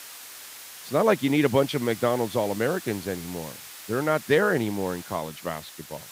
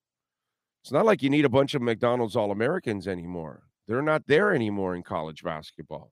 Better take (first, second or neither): second